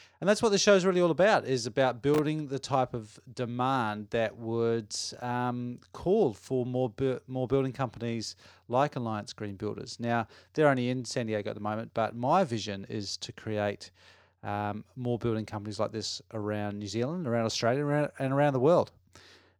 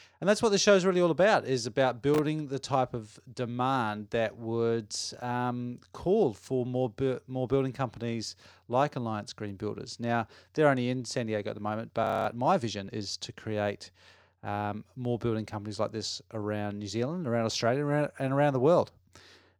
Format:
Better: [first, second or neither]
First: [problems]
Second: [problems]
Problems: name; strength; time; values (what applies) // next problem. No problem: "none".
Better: first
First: none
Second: audio freezing; at 12 s